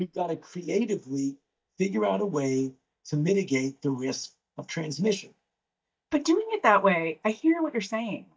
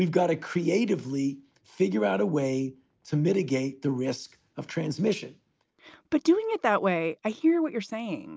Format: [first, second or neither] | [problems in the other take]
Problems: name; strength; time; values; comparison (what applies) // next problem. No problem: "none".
second | noise reduction (neural mask model DeepFilterNet 3)